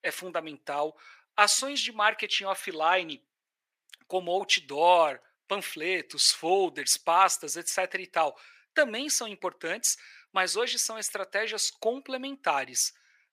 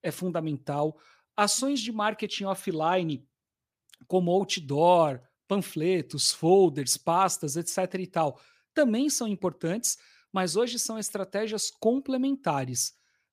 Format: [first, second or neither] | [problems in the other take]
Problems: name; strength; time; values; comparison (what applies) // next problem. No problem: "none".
second | thin; very; fading below 550 Hz